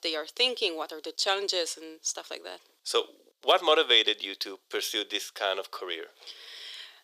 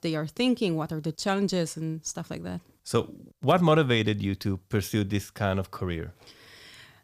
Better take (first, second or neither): second